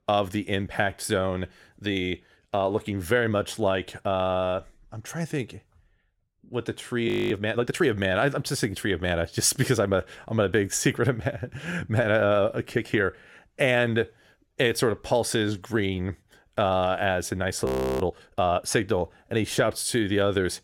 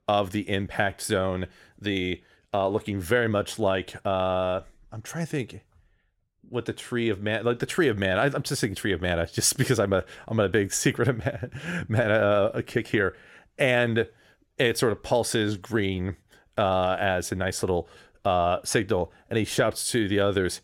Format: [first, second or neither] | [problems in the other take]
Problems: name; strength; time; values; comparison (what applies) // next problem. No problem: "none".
second | audio freezing; at 7 s and at 18 s